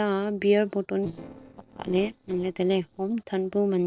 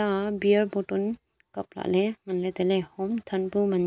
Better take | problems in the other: second | noise reduction (neural separator model SepFormer DNS4)

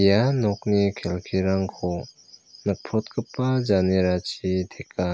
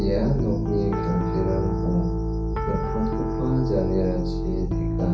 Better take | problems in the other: first | background sound (Piano); 1 dB above the speech // room echo; dies away in 0.6 s

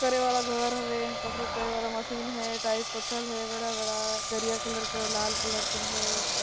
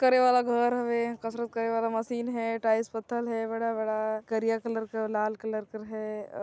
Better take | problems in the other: second | background sound (Engine); as loud as the speech

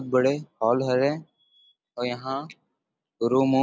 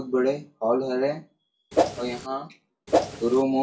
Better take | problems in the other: first | background sound (Whoosh, swoosh, swish); 2 dB above the speech // room echo; dies away in 0.2 s

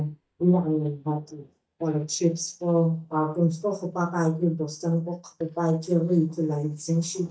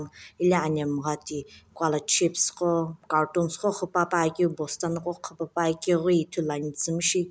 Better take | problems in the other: second | noise reduction (neural mask model DeepFilterNet 3)

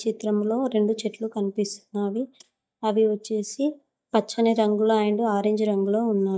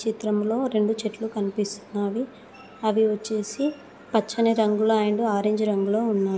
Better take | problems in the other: second | noise reduction (neural mask model DeepFilterNet 3)

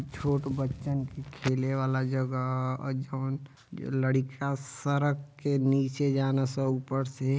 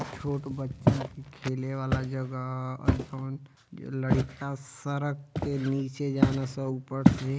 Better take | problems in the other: first | background sound (Walk, footsteps); 1 dB above the speech

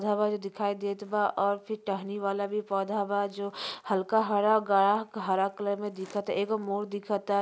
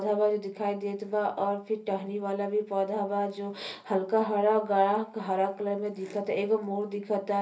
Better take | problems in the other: first | room echo; dies away in 0.3 s

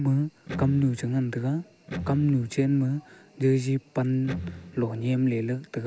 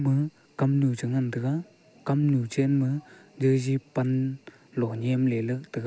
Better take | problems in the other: second | background sound (Electric guitar); 13 dB below the speech

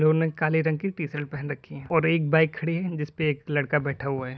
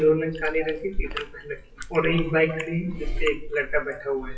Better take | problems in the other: first | noise reduction (classical method WPE with log-MMSE)

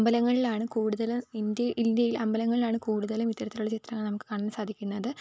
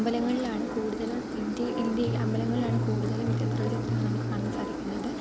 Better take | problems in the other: first | background sound (Engine + Bass guitar); 1 dB above the speech

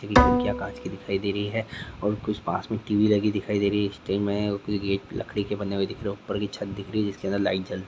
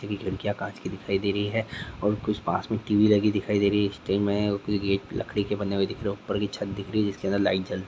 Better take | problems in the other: second | background sound (Bowed string instrument); 1 dB above the speech

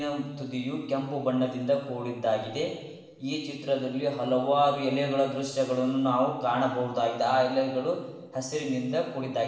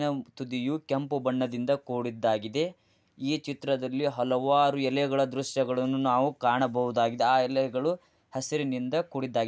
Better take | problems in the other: second | room echo; dies away in 1.2 s

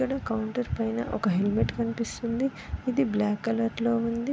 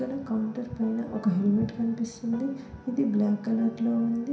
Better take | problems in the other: first | background sound (Piano); 20 dB below the speech // room echo; dies away in 0.7 s

